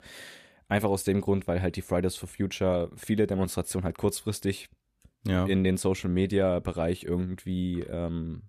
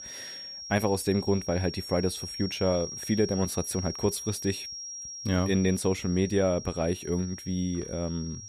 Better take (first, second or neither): first